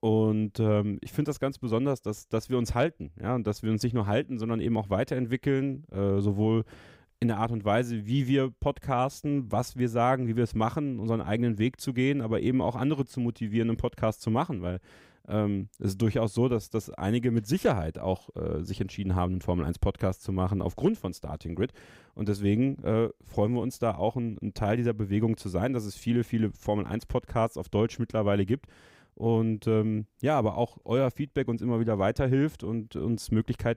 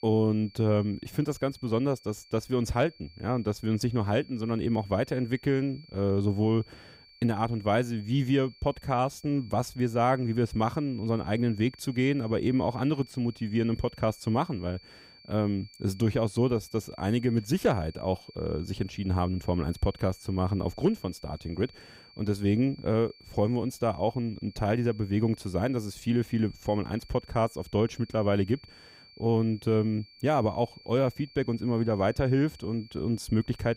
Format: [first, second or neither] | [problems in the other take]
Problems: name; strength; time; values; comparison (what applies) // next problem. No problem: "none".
first | high-pitched whine; faint; throughout; 4.5 kHz, 25 dB below the speech